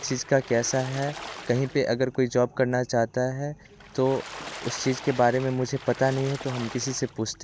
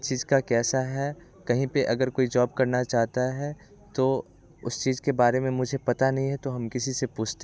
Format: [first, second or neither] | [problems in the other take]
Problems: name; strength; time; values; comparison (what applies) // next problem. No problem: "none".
second | background sound (Water / Splash, splatter); 16 dB below the speech